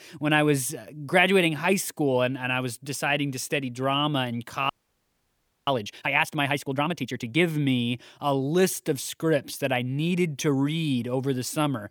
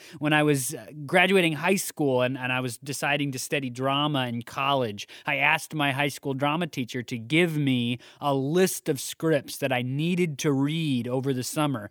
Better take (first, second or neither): second